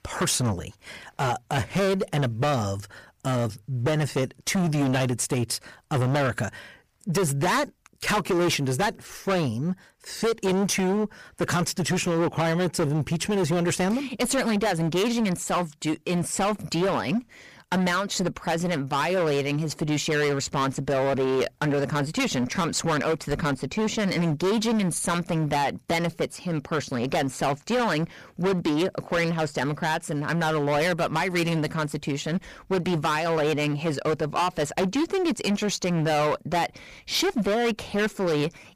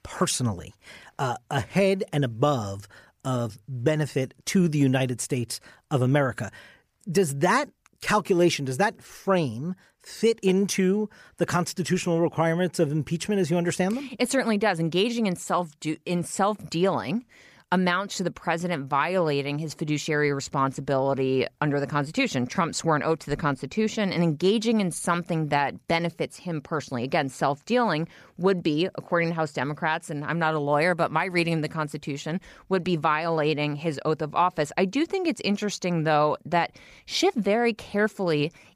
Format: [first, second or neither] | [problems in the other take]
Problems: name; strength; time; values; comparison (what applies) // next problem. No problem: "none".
second | distortion; heavy; 19% of the sound clipped